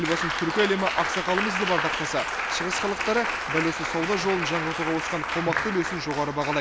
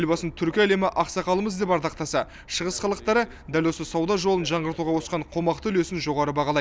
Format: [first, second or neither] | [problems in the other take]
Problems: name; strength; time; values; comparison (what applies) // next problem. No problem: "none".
second | background sound (Applause); 1 dB below the speech